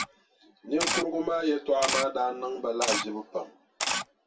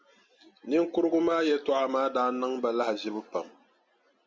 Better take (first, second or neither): second